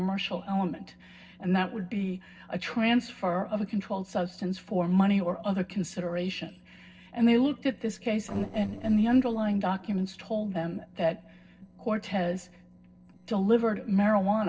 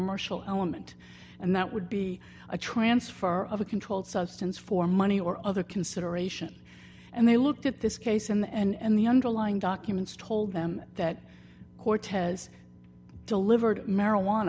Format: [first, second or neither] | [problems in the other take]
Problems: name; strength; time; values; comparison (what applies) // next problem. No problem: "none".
second | noise reduction (neural separator model SepFormer DNS4)